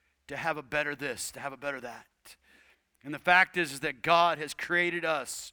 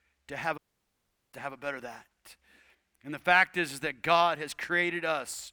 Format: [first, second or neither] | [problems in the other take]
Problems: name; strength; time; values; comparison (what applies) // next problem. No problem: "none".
first | audio cutting out; at 0.5 s for 1 s